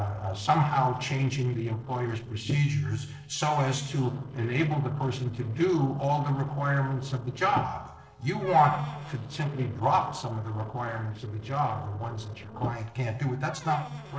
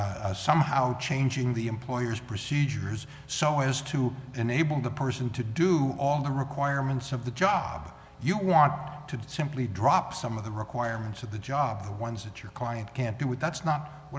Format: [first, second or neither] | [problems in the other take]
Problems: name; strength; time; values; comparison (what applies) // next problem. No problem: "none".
second | noise reduction (neural separator model SepFormer DNS4)